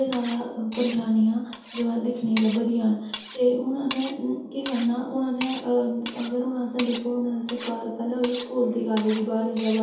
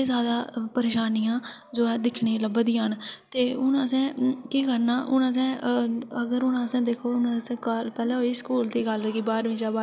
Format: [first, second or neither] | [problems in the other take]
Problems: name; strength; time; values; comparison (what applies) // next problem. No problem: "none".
second | background sound (Cutlery, silverware); 15 dB below the speech // room echo; dies away in 0.7 s